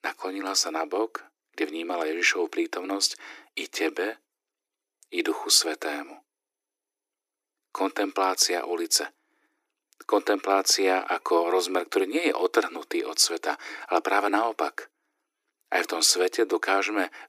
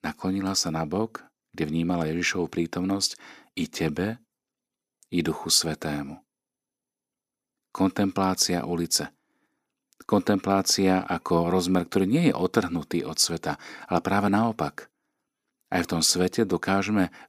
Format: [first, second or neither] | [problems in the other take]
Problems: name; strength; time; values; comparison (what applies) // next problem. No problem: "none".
second | thin; somewhat; fading below 300 Hz